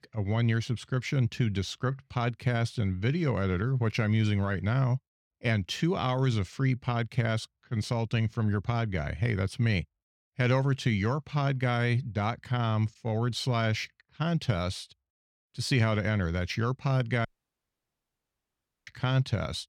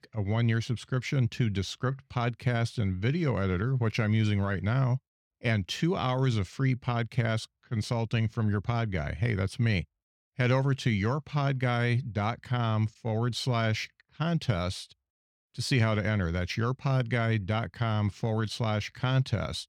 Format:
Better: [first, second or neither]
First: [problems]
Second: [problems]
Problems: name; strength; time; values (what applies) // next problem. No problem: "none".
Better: second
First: audio cutting out; at 17 s for 1.5 s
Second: none